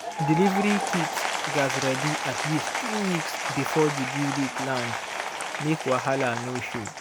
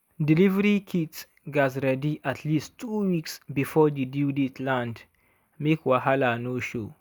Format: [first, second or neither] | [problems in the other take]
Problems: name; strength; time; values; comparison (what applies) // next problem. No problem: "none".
second | background sound (Applause / Crowd); 2 dB below the speech